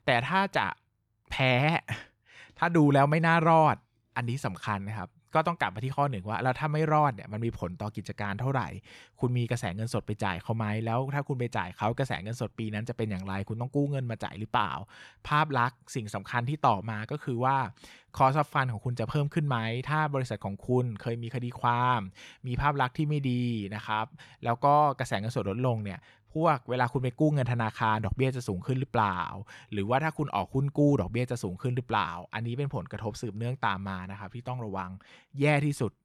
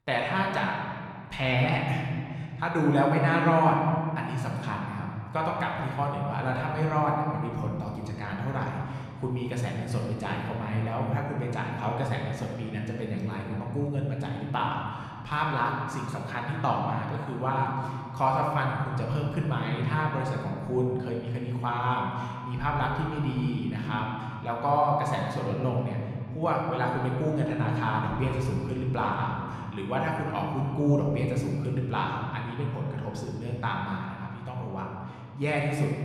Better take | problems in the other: first | room echo; noticeable; dies away in 2.3 s // off-mic speech; somewhat distant

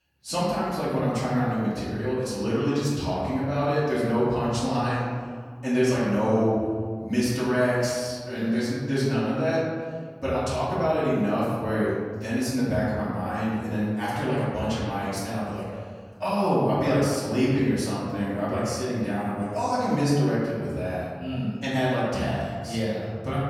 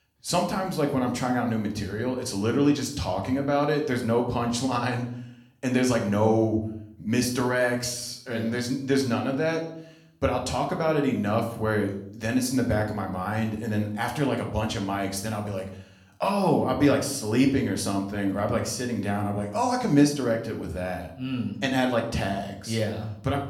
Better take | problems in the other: second | room echo; strong; dies away in 1.8 s; slight in the second // off-mic speech; far; somewhat distant in the second

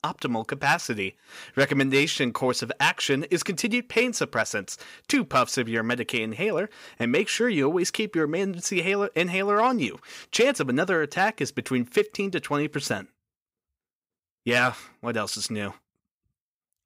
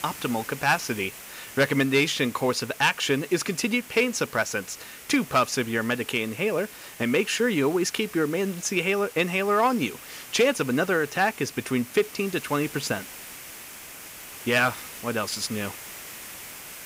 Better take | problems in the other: first | hiss; noticeable; throughout; 15 dB below the speech

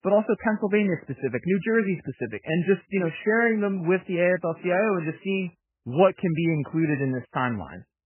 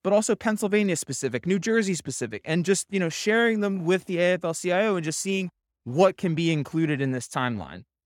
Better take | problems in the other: second | garbled, watery; badly; nothing above 3 kHz

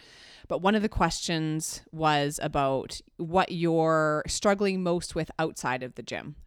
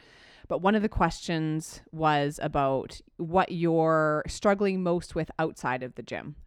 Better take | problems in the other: first | muffled; slightly; fading above 3 kHz

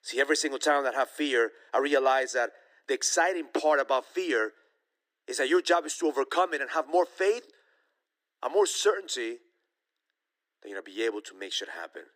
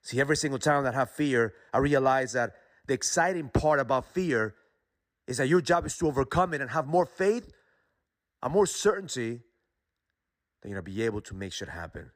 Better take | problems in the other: second | thin; somewhat; fading below 300 Hz

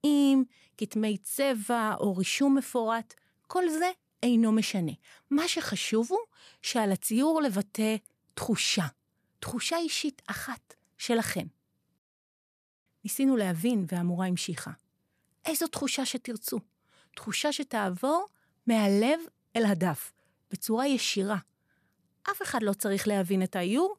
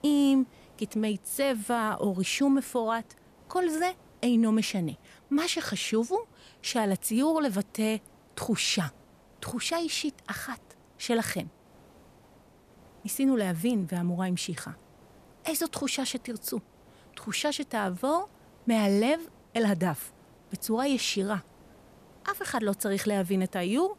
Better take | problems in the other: first | hiss; faint; throughout; 30 dB below the speech

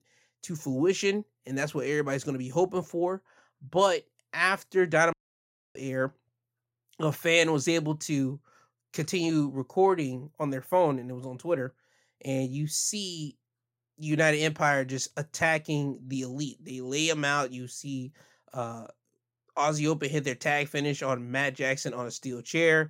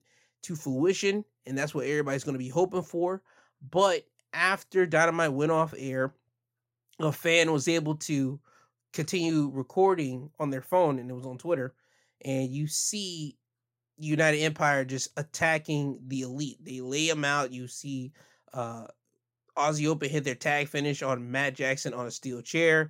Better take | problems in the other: second | audio cutting out; at 5 s for 0.5 s

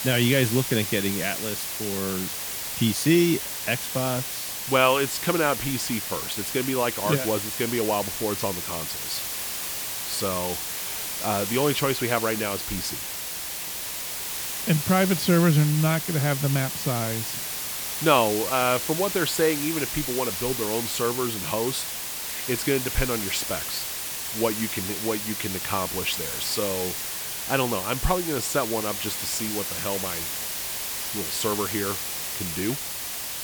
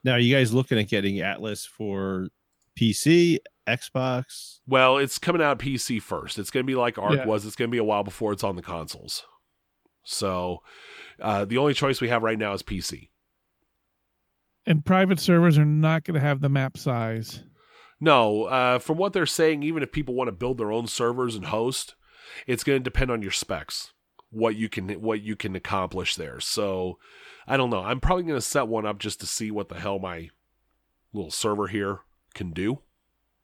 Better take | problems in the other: second | hiss; loud; throughout; 2 dB below the speech

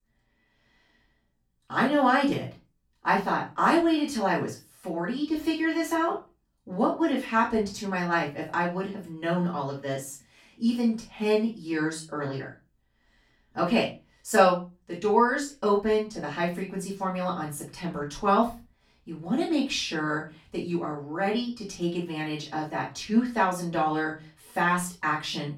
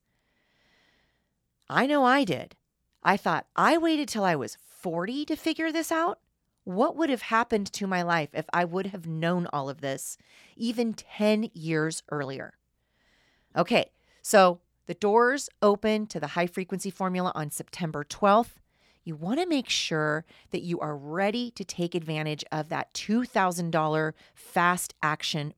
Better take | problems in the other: second | off-mic speech; far // room echo; slight; dies away in 0.3 s

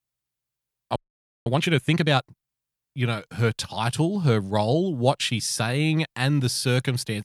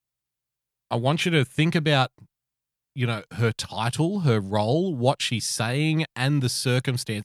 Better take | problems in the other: second | audio freezing; at 1 s for 0.5 s

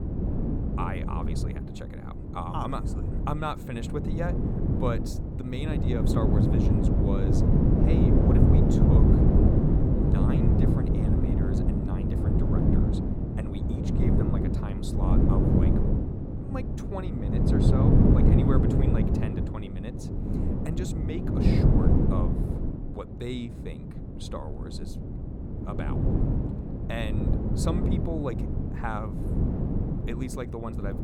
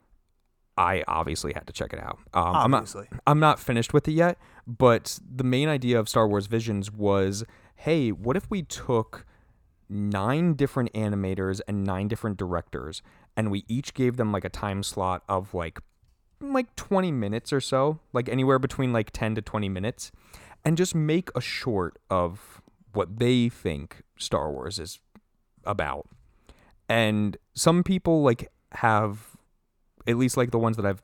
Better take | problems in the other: second | wind noise on the microphone; heavy; 4 dB above the speech

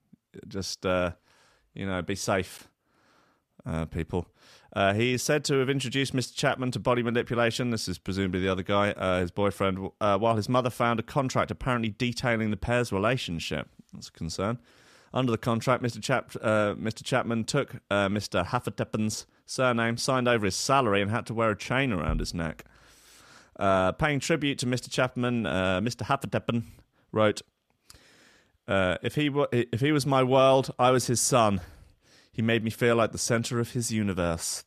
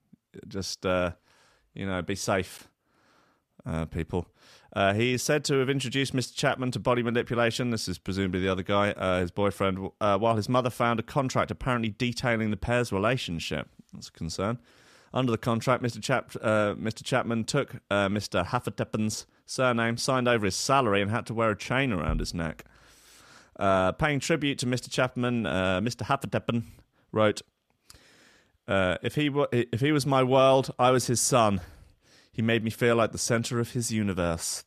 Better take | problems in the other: neither | none

